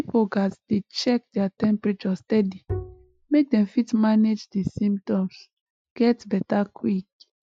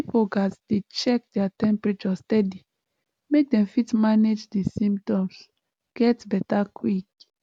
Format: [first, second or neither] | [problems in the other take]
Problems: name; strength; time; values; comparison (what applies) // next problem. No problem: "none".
second | noise reduction (classical method Wiener filter)